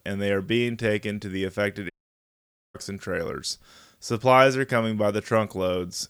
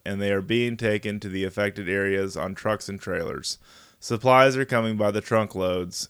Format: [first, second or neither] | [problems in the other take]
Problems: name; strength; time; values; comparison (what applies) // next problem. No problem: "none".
second | audio cutting out; at 2 s for 1 s